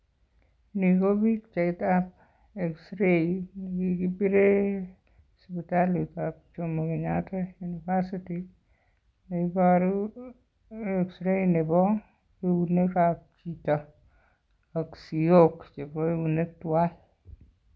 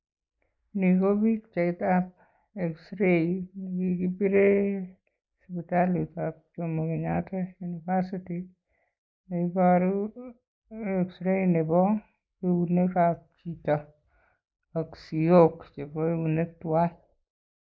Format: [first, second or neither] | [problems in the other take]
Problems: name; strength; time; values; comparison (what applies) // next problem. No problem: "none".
first | noise reduction (neural mask model Resemble Enhance denoiser)